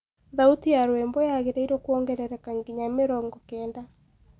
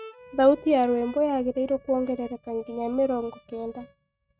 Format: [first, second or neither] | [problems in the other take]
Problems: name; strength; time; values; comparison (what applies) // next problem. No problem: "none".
first | noise reduction (neural mask model RNNoise)